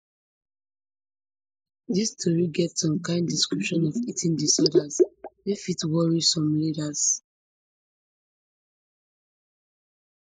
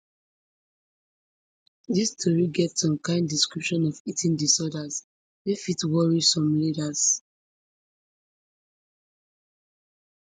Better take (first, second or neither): second